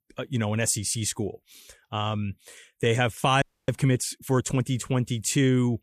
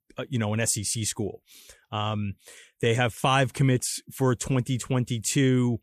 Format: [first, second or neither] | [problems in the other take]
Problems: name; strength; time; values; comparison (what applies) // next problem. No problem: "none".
second | audio freezing; at 3.5 s